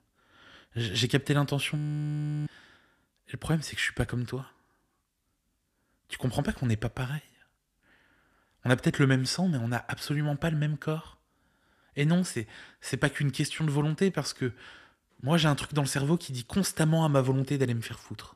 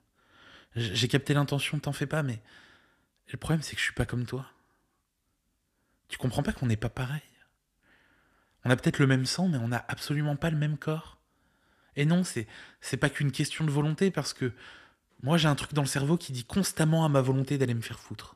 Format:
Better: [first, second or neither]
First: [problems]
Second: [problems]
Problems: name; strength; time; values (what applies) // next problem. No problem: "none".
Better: second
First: audio freezing; at 2 s for 0.5 s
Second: none